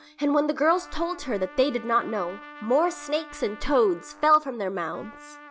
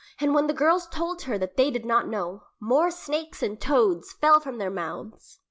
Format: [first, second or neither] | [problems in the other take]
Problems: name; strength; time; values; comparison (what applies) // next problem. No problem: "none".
second | background sound (Trumpet); 20 dB below the speech